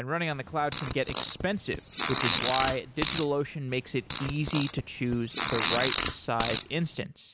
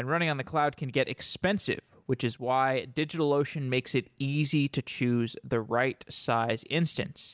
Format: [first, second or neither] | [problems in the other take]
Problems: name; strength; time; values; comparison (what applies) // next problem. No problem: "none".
second | background sound (Fart); 3 dB below the speech